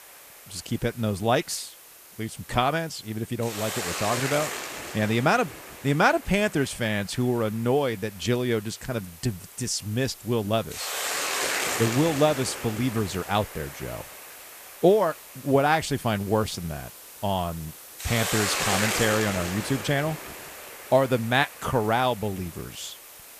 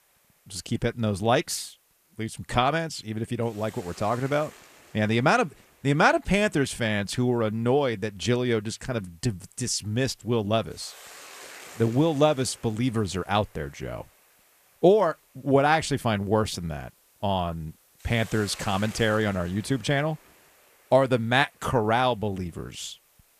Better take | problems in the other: second | hiss; loud; throughout; 6 dB below the speech; faint in the second

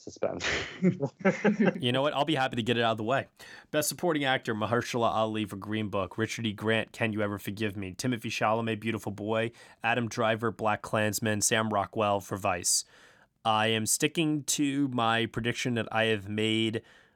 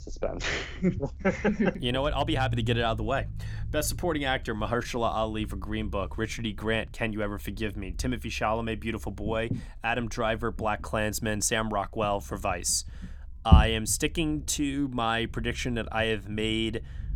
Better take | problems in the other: first | low rumble; noticeable; throughout; 20 dB below the speech

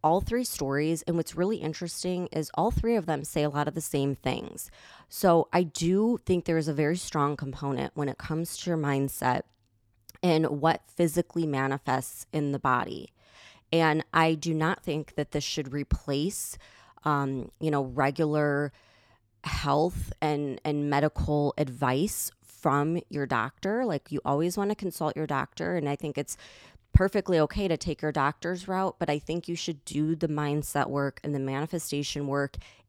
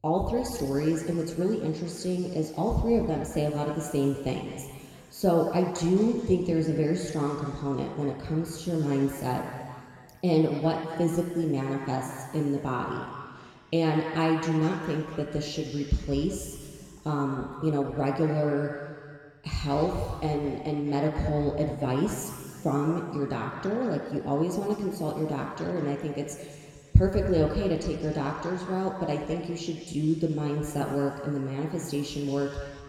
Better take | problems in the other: first | room echo; noticeable; dies away in 2.1 s // off-mic speech; somewhat distant

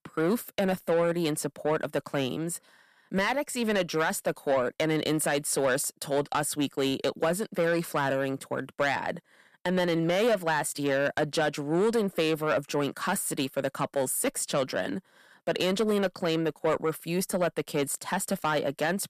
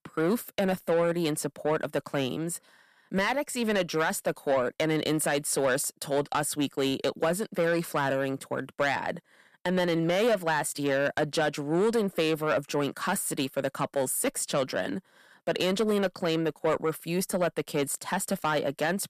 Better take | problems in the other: neither | distortion; slight; 10 dB below the speech; the same in both

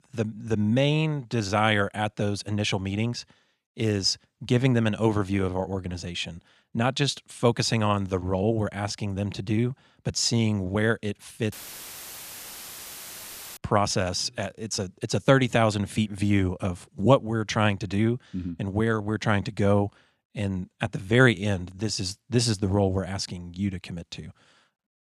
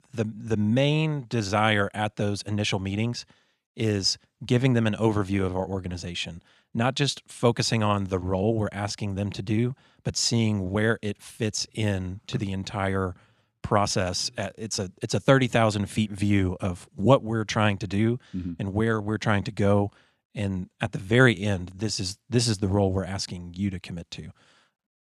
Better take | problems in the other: second | audio cutting out; filled with static; at 12 s for 2 s

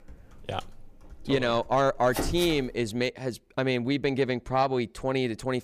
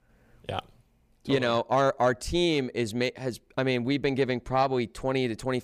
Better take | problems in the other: second | household noises; loud; until 3 s; 8 dB below the speech

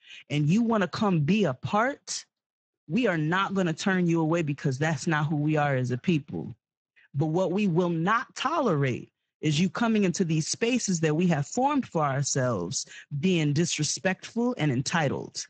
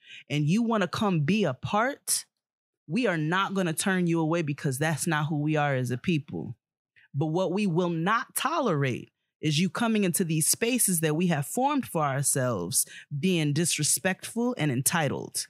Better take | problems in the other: second | garbled, watery; badly; nothing above 8 kHz

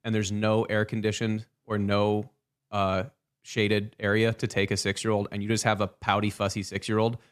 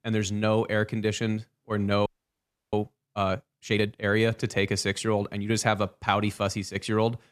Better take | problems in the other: first | audio freezing; at 2 s for 0.5 s

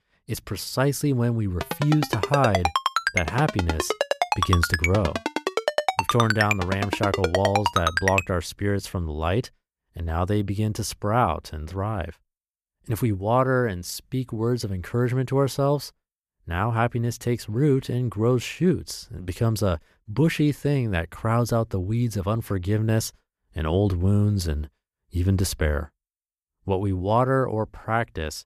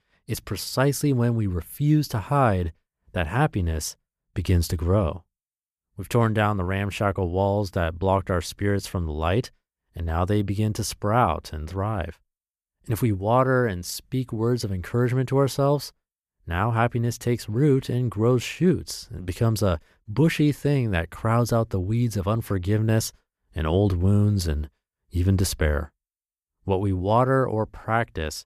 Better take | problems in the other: second | phone ringing; loud; from 1.5 to 8 s; peak 2 dB above the speech

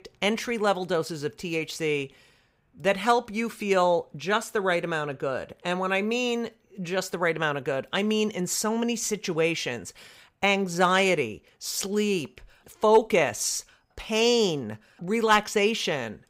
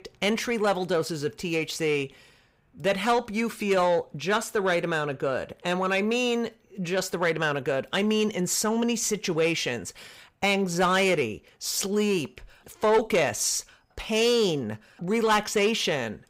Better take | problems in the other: first | distortion; slight; 10 dB below the speech

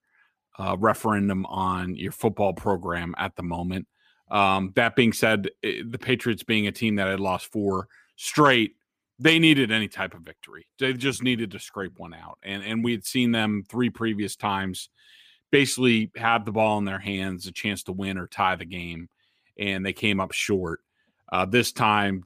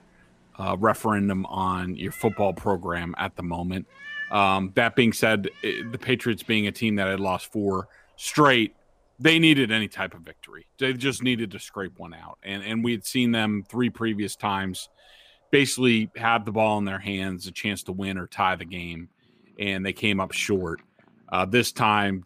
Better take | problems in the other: first | animal sounds; noticeable; throughout; 20 dB below the speech

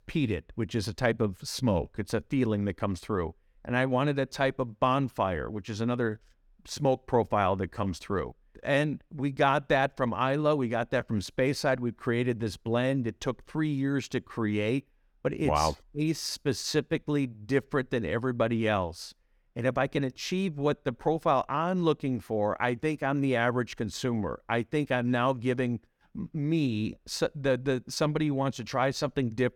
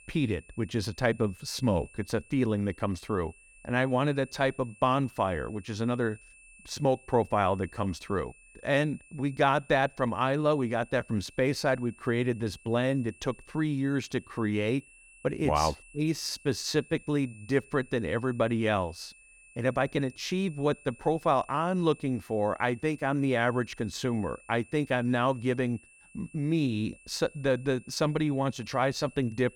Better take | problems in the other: first | high-pitched whine; faint; throughout; 2.5 kHz, 25 dB below the speech

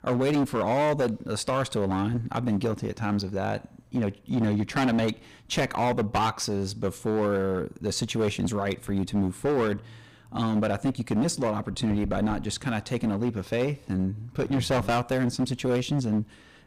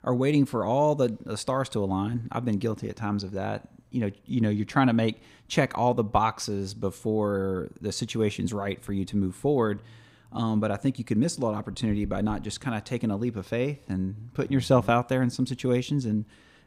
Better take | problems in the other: second | distortion; heavy; 14% of the sound clipped

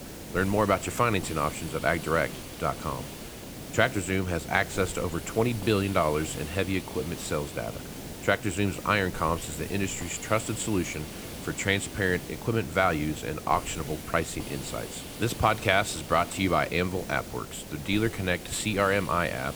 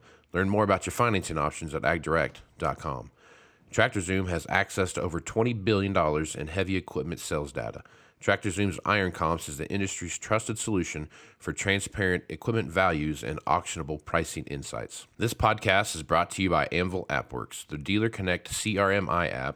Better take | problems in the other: second | hiss; noticeable; throughout; 10 dB below the speech

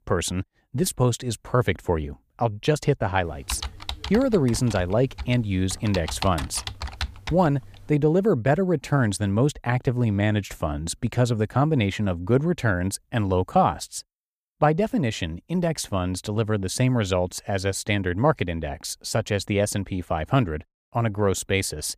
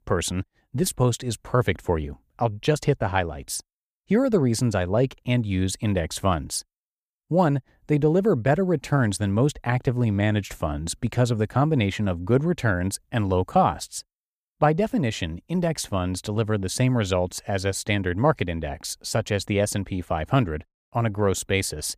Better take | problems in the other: second | keyboard typing; noticeable; from 3.5 to 8 s; peak 7 dB below the speech

